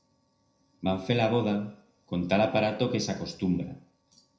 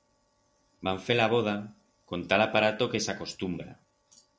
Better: second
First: room echo; dies away in 0.5 s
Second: none

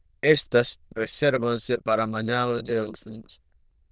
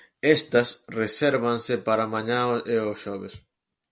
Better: second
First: noise reduction (neural diffusion model UNIVERSE++)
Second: none

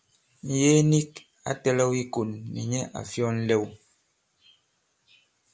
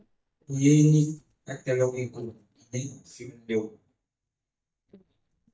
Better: first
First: none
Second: noise reduction (neural mask model DeepFilterNet 3)

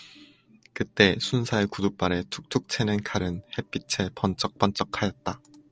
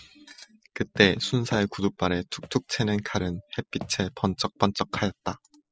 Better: first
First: none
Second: noise reduction (classical method spectral subtraction)

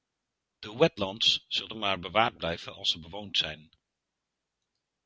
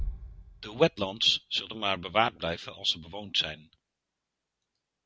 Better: first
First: none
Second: background sound (Bass drum); 14 dB below the speech

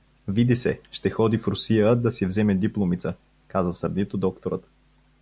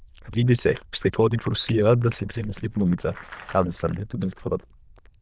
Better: first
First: none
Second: noise reduction (neural diffusion model UNIVERSE++)

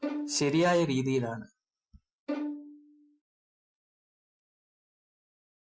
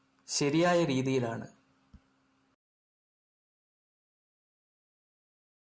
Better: second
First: noise reduction (classical method Wiener filter)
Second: none

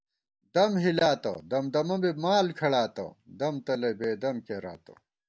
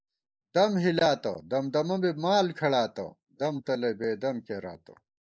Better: first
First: none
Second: noise reduction (neural mask model Resemble Enhance denoiser)

